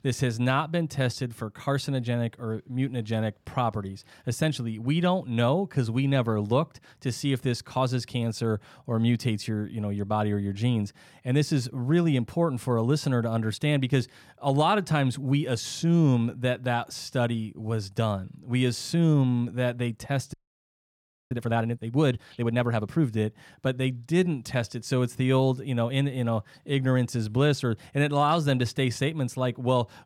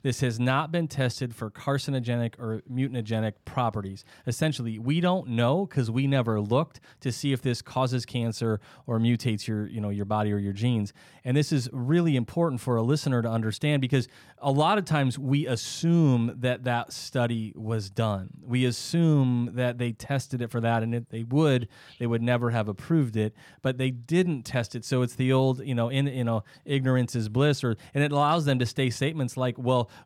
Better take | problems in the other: second | audio freezing; at 20 s for 1 s

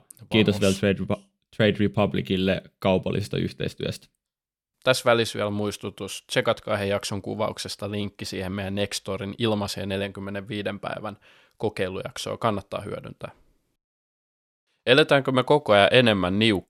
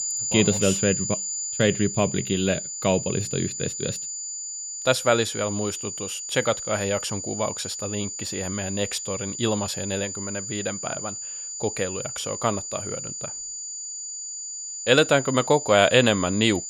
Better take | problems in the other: first | high-pitched whine; loud; throughout; 7 kHz, 5 dB below the speech

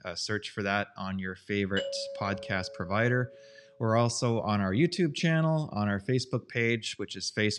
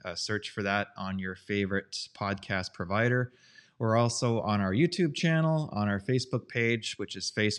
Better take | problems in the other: second | doorbell; noticeable; from 2 to 3.5 s; peak 6 dB below the speech

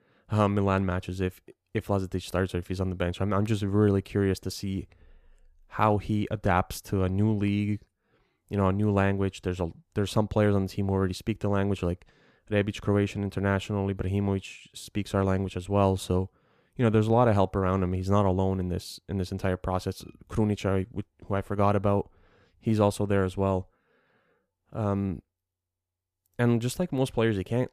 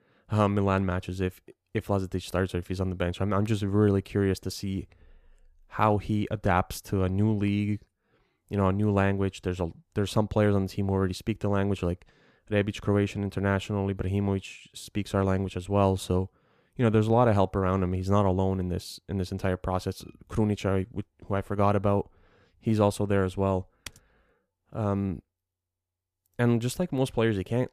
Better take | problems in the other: first | keyboard typing; faint; at 24 s; peak 20 dB below the speech

